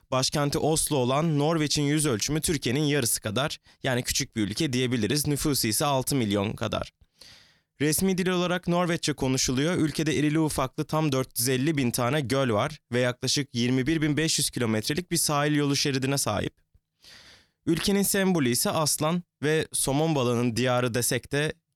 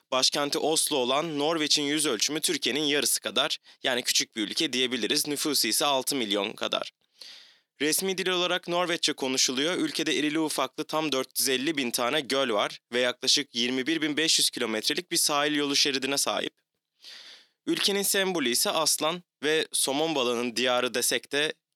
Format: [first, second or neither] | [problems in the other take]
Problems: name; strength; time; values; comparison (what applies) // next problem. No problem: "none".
first | thin; very slightly; fading below 300 Hz